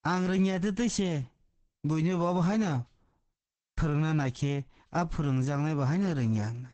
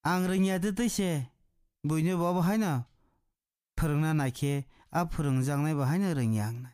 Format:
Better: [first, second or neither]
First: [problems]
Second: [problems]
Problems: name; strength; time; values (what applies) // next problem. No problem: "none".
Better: second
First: garbled, watery; badly; nothing above 8 kHz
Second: none